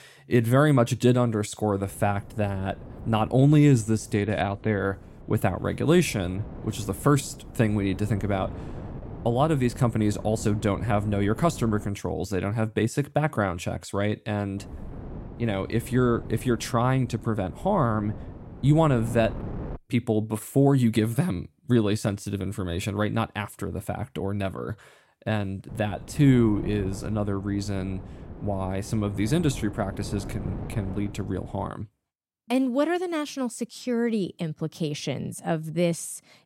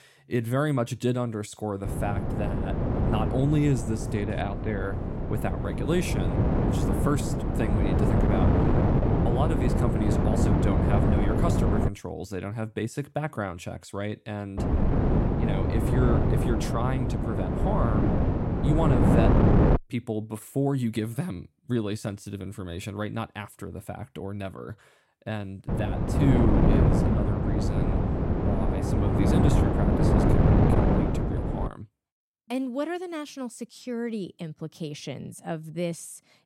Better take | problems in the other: first | wind noise on the microphone; heavy; from 2 to 12 s, from 15 to 20 s and from 26 to 32 s; 3 dB above the speech; occasional gusts in the first

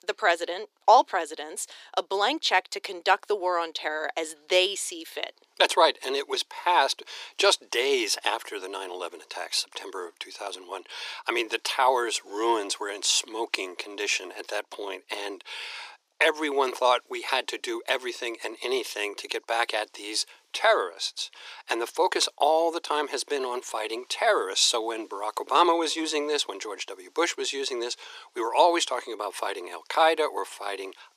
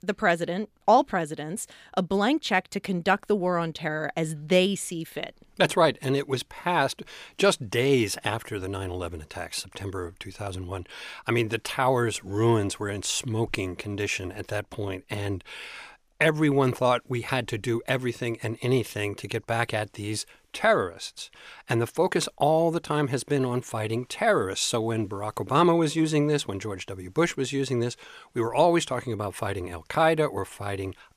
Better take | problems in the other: second | thin; very; fading below 350 Hz

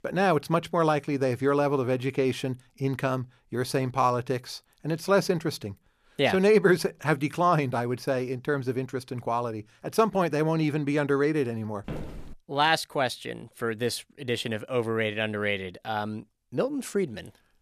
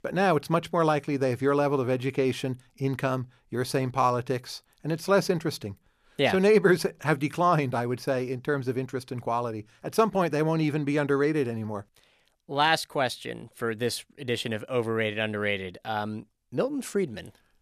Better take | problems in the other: second | footsteps; faint; at 12 s; peak 10 dB below the speech

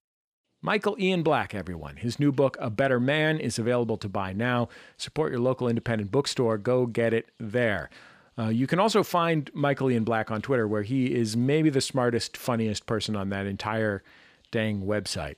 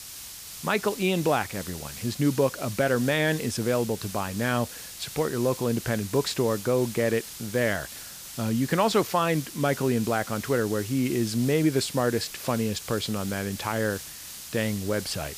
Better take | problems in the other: first | hiss; noticeable; throughout; 10 dB below the speech

